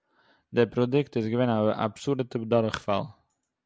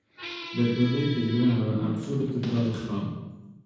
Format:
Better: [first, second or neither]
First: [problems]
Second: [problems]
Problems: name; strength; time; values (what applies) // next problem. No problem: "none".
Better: first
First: none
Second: background sound (Squeak); 14 dB below the speech // room echo; dies away in 1.2 s